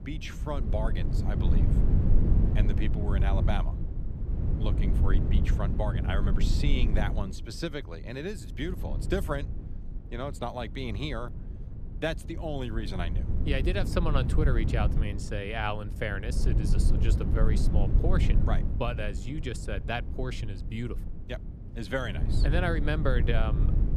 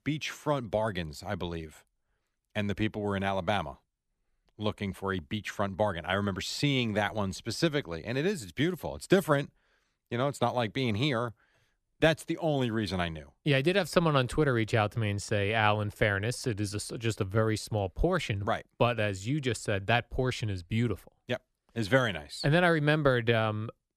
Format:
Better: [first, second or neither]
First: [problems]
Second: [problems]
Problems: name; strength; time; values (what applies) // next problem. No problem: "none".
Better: second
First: low rumble; loud; throughout; 7 dB below the speech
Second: none